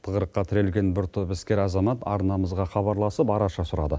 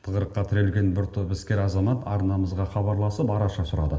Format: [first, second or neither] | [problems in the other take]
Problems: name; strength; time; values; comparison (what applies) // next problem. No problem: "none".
first | room echo; dies away in 1.9 s